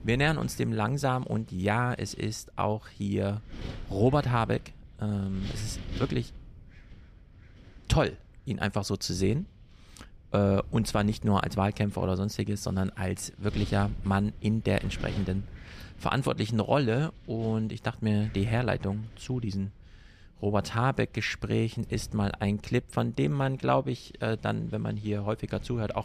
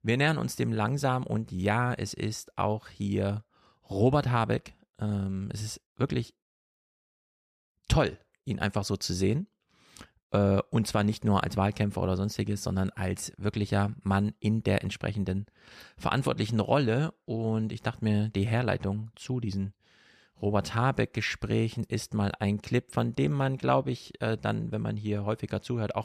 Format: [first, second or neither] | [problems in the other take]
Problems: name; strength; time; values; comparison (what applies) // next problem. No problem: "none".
second | wind noise on the microphone; occasional gusts; 20 dB below the speech